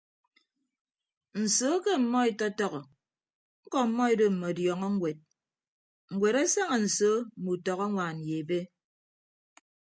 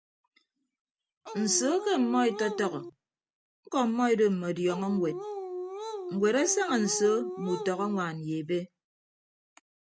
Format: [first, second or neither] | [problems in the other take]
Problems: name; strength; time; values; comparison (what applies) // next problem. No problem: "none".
first | background sound (Dog); 7 dB below the speech